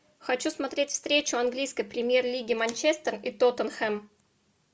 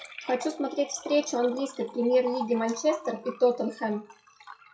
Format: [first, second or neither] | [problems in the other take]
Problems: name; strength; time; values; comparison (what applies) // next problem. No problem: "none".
first | noise reduction (classical method WPE with log-MMSE)